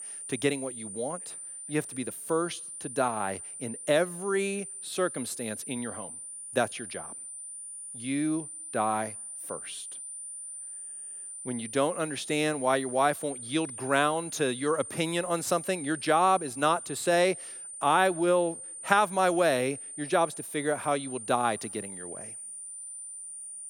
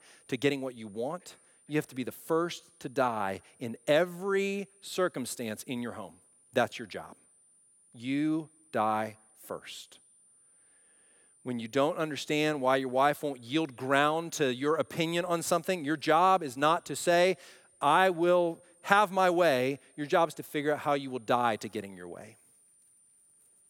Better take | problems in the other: second | high-pitched whine; loud; throughout; 9 kHz, 10 dB below the speech; faint in the second

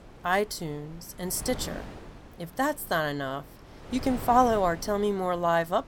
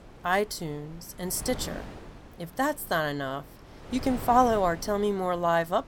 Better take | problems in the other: neither | wind noise on the microphone; occasional gusts; 20 dB below the speech; the same in both

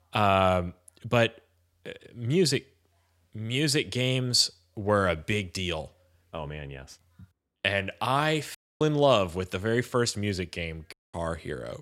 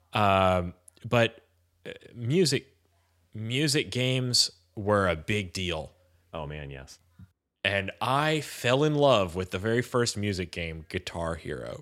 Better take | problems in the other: second | audio cutting out; at 8.5 s and at 11 s

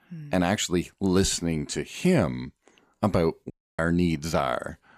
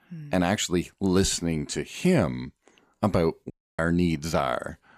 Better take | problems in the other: neither | audio cutting out; at 3.5 s; the same in both

